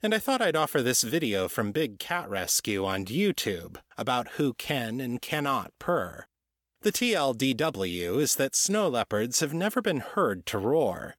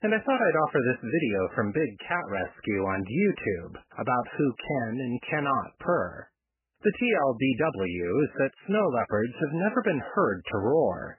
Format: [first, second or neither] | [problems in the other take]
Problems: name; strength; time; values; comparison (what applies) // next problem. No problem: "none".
first | garbled, watery; badly; nothing above 3 kHz